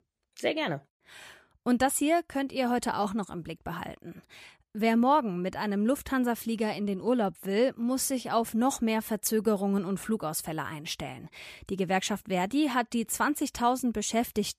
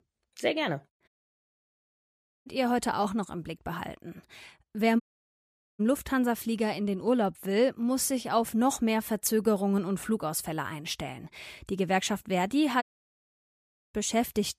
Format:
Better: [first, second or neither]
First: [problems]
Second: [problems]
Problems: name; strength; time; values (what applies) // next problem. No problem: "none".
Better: first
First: none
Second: audio cutting out; at 1 s for 1.5 s, at 5 s for 1 s and at 13 s for 1 s